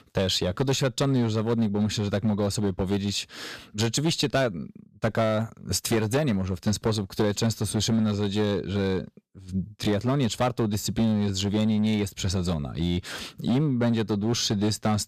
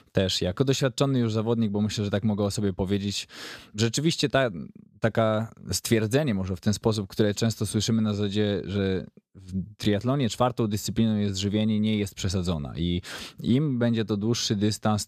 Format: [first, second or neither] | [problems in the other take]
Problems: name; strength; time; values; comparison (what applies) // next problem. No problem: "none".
second | distortion; slight; 7% of the sound clipped